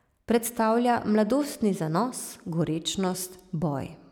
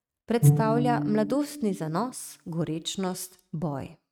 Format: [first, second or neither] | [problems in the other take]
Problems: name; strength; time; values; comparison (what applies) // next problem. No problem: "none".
first | noise reduction (neural mask model RNNoise)